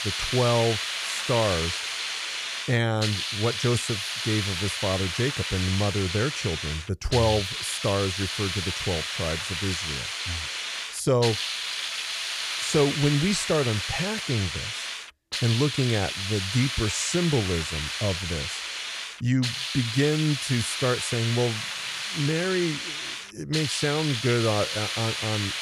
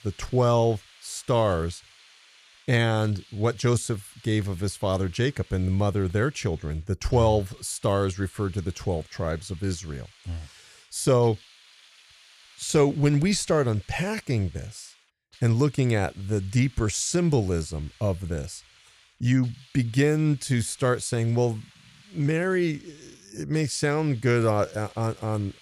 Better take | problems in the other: second | hiss; loud; throughout; 2 dB below the speech; faint in the second

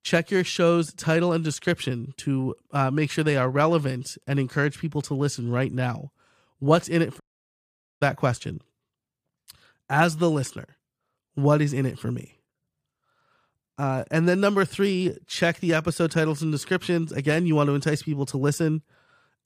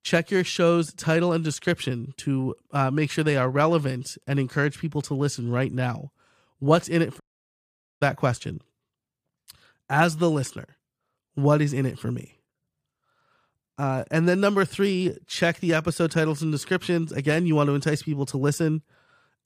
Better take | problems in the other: neither | audio cutting out; at 7 s for 1 s; the same in both

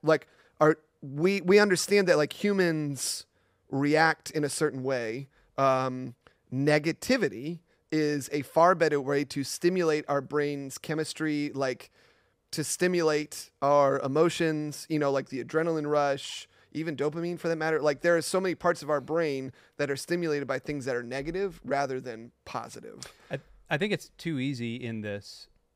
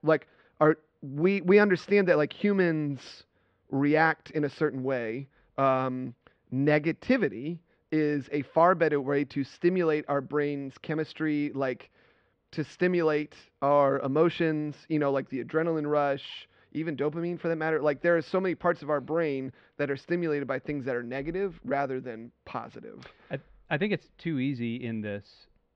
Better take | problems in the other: first | muffled; slightly; fading above 3.5 kHz

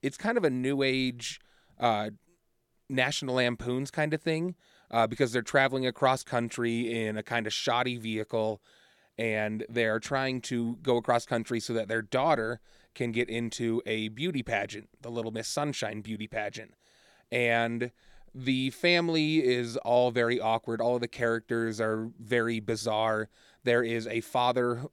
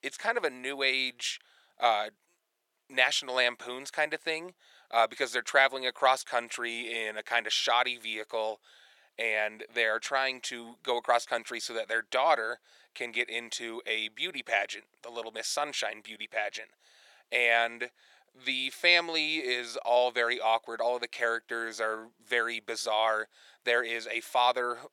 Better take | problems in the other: first | thin; very; fading below 750 Hz

